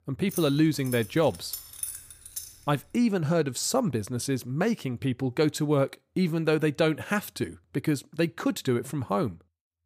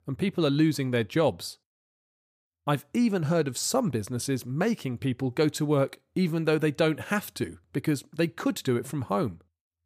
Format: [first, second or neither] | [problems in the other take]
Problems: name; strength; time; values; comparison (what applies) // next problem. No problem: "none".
second | jangling keys; noticeable; until 2.5 s; peak 6 dB below the speech